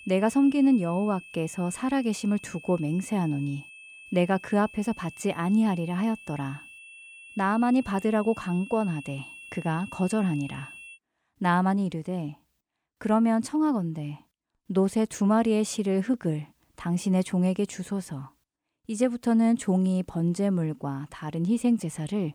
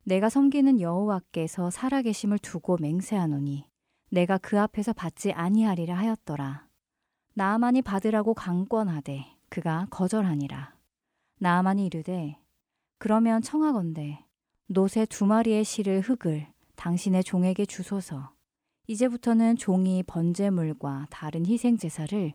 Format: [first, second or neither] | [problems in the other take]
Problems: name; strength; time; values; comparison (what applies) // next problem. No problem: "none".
second | high-pitched whine; noticeable; until 11 s; 2.5 kHz, 15 dB below the speech